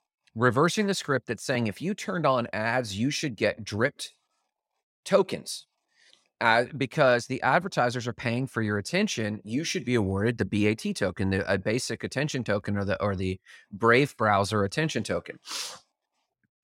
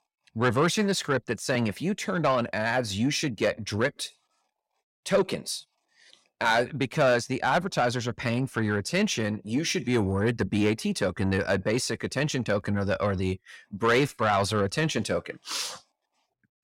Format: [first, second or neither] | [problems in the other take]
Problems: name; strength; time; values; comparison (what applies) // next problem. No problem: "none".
first | distortion; slight; 10 dB below the speech